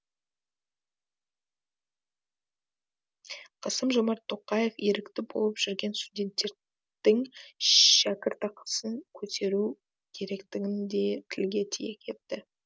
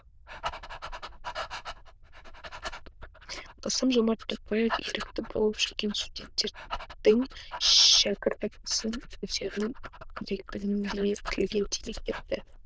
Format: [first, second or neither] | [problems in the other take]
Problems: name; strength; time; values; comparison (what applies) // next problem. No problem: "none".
first | noise reduction (neural diffusion model UNIVERSE++)